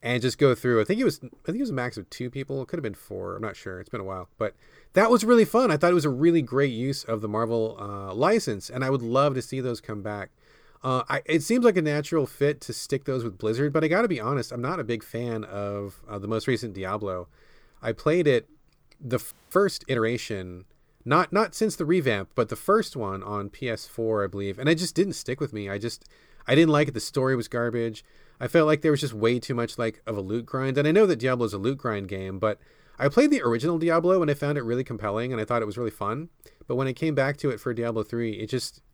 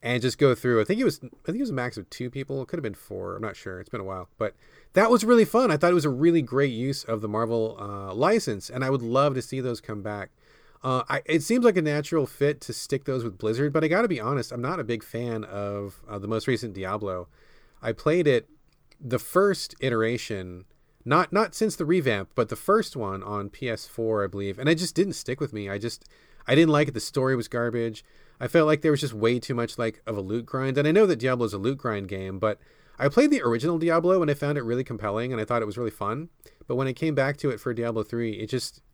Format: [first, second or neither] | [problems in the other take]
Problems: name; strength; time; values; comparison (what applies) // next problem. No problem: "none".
second | audio freezing; at 19 s